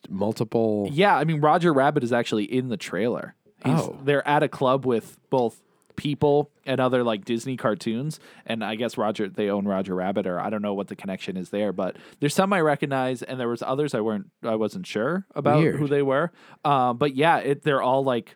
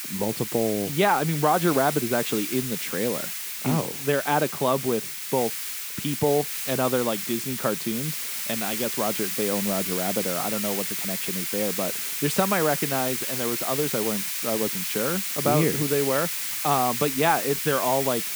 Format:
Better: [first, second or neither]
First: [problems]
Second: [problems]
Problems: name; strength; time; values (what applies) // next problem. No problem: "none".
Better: first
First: none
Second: hiss; loud; throughout; 1 dB below the speech